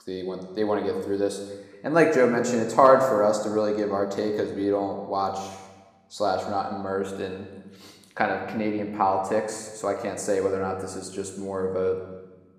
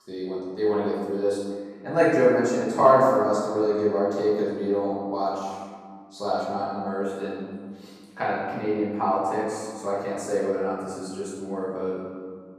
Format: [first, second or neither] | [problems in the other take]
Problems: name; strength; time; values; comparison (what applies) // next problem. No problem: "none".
first | room echo; strong; dies away in 1.7 s; slight in the first // off-mic speech; far